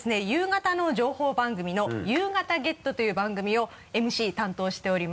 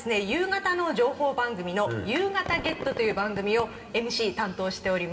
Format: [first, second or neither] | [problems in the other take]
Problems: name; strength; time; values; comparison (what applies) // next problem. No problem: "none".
first | background sound (Fireworks); 16 dB below the speech // room echo; dies away in 2.2 s